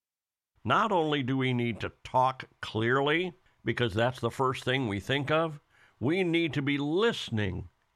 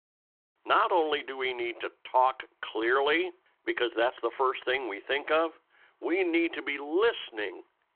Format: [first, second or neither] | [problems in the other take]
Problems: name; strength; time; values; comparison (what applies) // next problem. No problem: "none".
first | phone-call audio